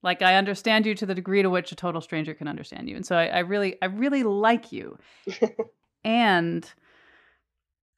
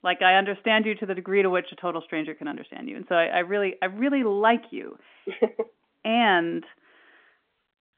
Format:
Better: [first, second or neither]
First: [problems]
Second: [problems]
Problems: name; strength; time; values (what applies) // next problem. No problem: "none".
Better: first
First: none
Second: phone-call audio; nothing above 3.5 kHz